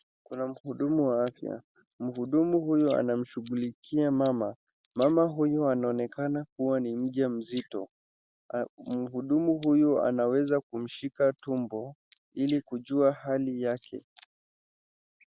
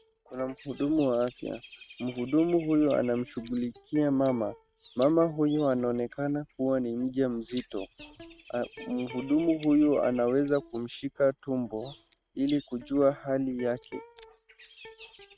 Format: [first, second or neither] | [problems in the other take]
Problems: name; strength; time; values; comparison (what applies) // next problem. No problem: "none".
first | noise reduction (neural mask model RNNoise)